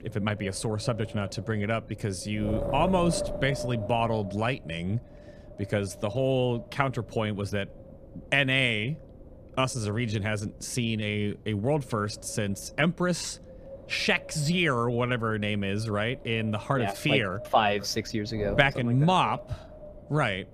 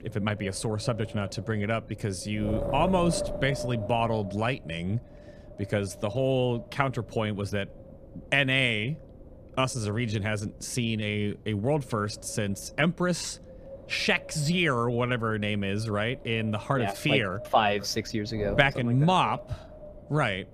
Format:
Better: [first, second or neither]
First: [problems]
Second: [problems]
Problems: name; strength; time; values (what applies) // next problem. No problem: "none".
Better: neither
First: wind noise on the microphone; occasional gusts; 15 dB below the speech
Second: wind noise on the microphone; occasional gusts; 15 dB below the speech